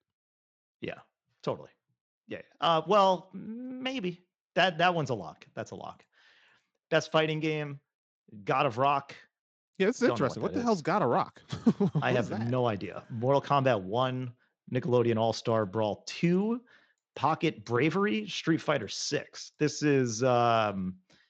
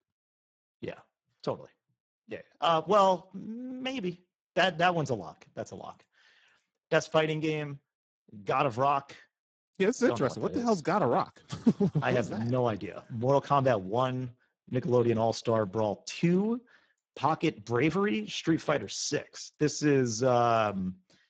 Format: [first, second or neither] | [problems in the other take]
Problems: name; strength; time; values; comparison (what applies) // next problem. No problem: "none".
first | garbled, watery; badly; slightly in the first